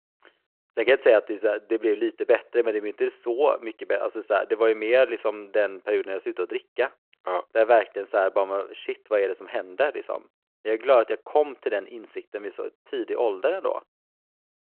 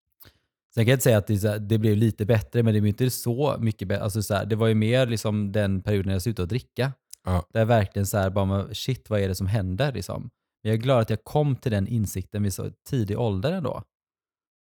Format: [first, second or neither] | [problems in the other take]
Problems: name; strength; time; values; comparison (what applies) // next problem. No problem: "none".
second | phone-call audio